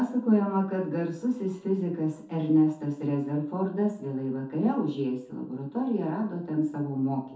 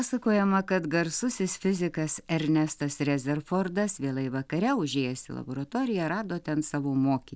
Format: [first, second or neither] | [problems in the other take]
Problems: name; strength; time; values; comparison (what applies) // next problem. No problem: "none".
second | room echo; dies away in 0.5 s